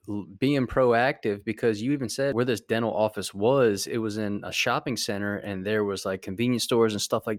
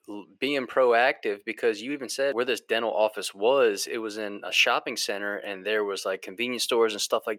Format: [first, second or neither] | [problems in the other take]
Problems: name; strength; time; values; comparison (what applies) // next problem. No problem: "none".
first | thin; somewhat; fading below 500 Hz